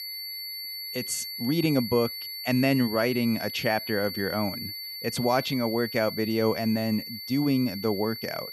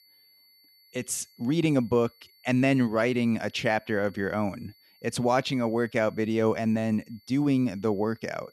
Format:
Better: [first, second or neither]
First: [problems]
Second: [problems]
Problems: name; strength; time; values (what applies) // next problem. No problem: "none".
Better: second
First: high-pitched whine; loud; throughout; 4.5 kHz, 7 dB below the speech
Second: high-pitched whine; faint; throughout; 4.5 kHz, 30 dB below the speech